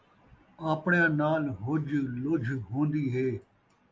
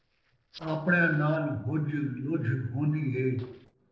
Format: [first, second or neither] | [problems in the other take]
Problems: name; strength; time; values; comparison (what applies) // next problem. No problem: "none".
first | noise reduction (neural separator model SepFormer DNS4)